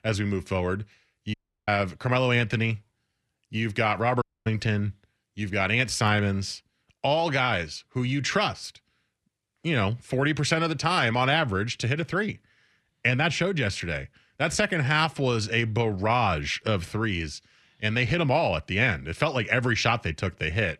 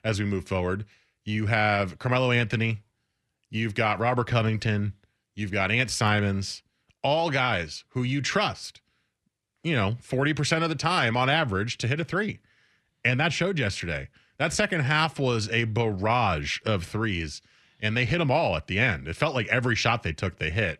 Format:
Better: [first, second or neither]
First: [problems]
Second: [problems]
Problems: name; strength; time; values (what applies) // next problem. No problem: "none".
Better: second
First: audio cutting out; at 1.5 s and at 4 s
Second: none